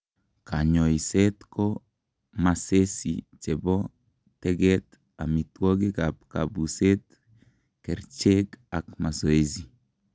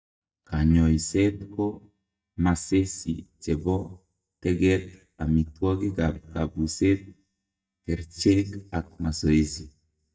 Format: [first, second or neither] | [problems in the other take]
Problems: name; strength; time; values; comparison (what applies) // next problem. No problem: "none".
first | noise reduction (neural mask model DeepFilterNet 3)